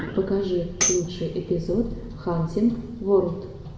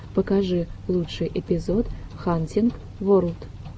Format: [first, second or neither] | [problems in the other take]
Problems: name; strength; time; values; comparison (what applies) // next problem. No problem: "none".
second | background sound (Tambourine); 5 dB below the speech // room echo; dies away in 1 s